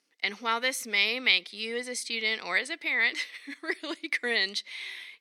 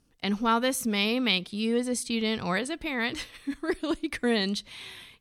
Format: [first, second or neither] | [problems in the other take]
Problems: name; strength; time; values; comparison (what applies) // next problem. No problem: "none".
second | thin; somewhat; fading below 350 Hz